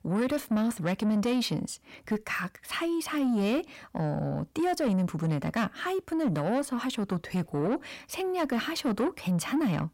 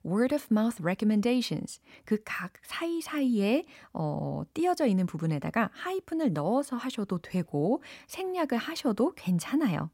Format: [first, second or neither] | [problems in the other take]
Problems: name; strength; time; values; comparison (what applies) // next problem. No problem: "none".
second | distortion; slight; 10 dB below the speech